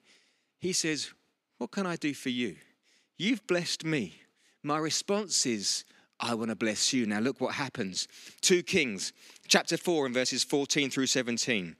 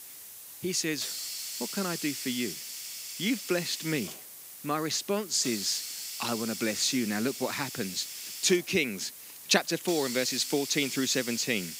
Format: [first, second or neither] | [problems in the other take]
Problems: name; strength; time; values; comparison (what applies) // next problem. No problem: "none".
first | hiss; loud; throughout; 7 dB below the speech